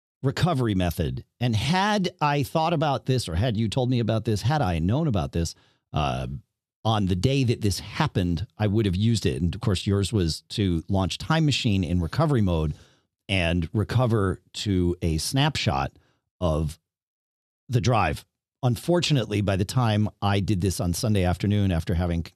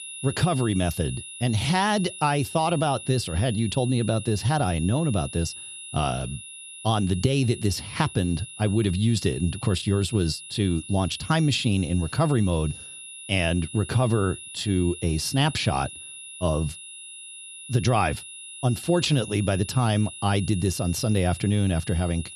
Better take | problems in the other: first | high-pitched whine; noticeable; throughout; 10 kHz, 15 dB below the speech

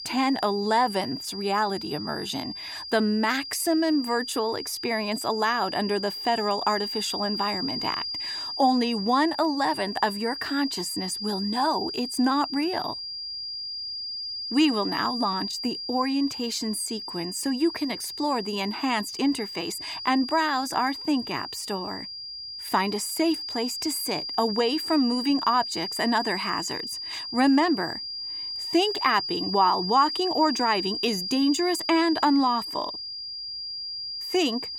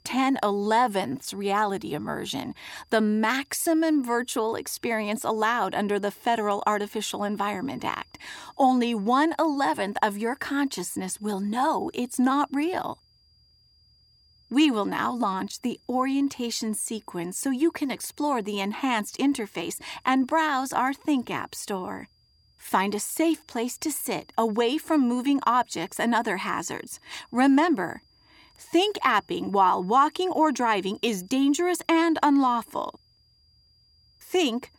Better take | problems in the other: second | high-pitched whine; loud; throughout; 5 kHz, 6 dB below the speech; faint in the second

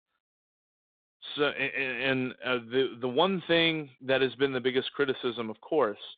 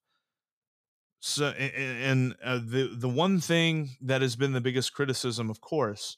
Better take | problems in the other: second | phone-call audio; nothing above 3.5 kHz

